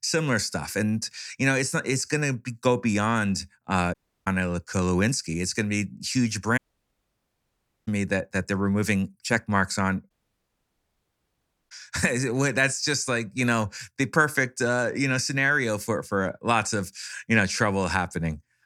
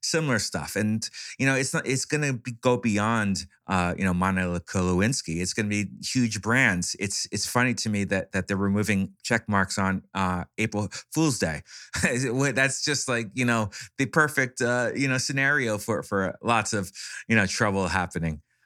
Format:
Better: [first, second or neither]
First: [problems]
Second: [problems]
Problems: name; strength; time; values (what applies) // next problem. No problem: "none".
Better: second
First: audio cutting out; at 4 s, at 6.5 s for 1.5 s and at 10 s for 1.5 s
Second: none